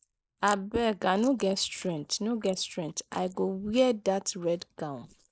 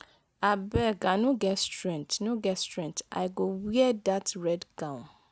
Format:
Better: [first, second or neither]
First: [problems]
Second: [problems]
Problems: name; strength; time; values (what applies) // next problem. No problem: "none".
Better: second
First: noise reduction (neural mask model Resemble Enhance denoiser)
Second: none